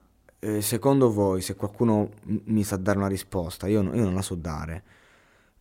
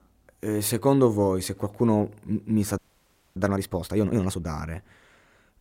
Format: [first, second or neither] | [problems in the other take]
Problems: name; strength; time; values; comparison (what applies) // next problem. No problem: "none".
first | audio freezing; at 3 s for 0.5 s